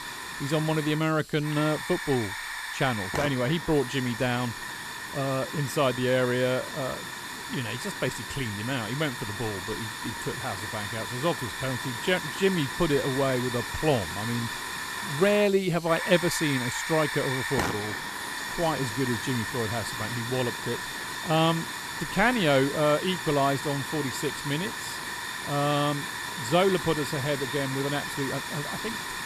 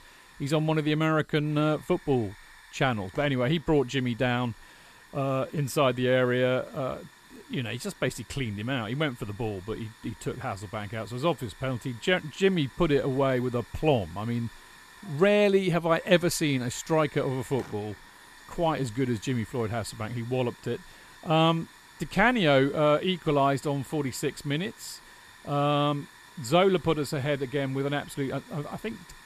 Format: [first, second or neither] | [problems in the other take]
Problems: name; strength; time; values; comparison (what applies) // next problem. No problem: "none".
second | hiss; loud; throughout; 5 dB below the speech; faint in the second